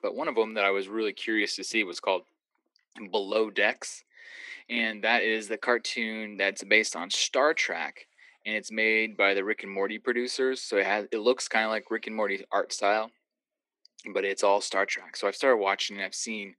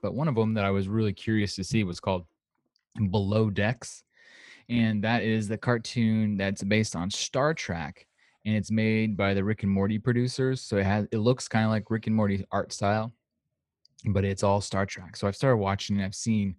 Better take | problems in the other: second | thin; very; fading below 300 Hz

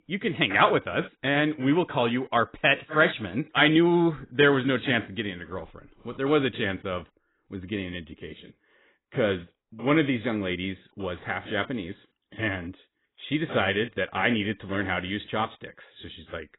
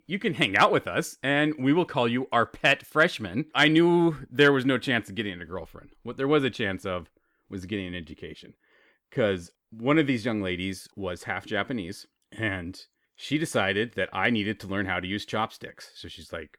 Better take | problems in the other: second | garbled, watery; badly; nothing above 3.5 kHz

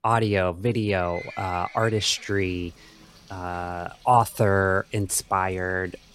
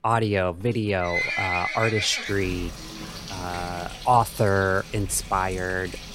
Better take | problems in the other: first | animal sounds; loud; throughout; 6 dB below the speech; faint in the first

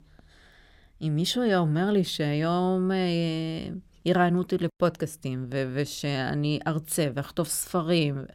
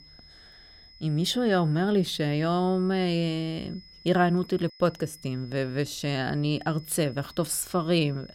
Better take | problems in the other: first | high-pitched whine; faint; throughout; 5 kHz, 25 dB below the speech

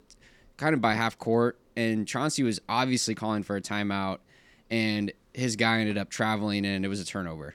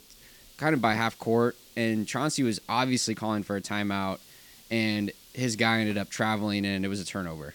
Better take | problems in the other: first | hiss; faint; throughout; 25 dB below the speech

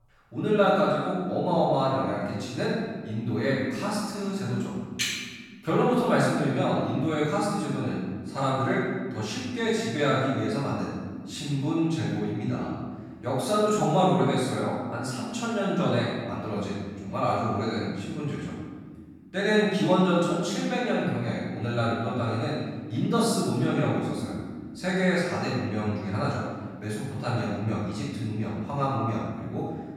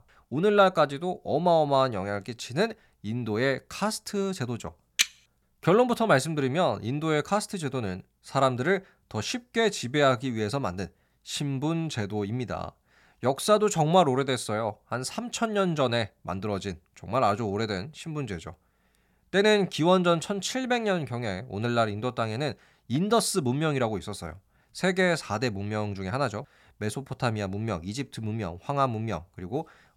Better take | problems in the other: second | room echo; strong; dies away in 1.7 s // off-mic speech; far

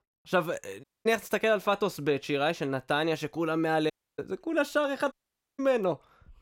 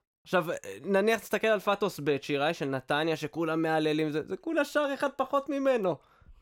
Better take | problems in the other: second | audio cutting out; at 1 s, at 4 s and at 5 s

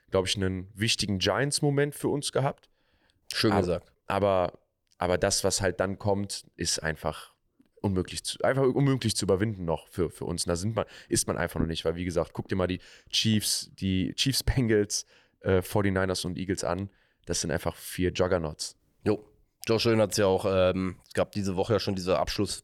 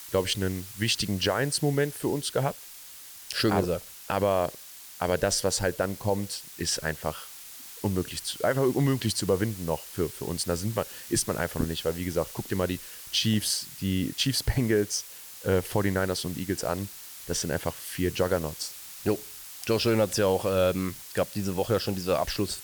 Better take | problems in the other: first | hiss; noticeable; throughout; 15 dB below the speech

